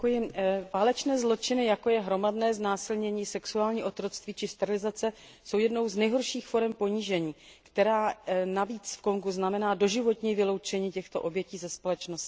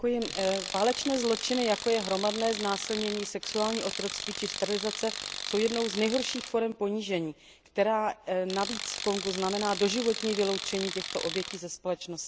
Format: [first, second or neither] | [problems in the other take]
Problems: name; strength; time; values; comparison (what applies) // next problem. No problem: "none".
first | background sound (Tools); 7 dB below the speech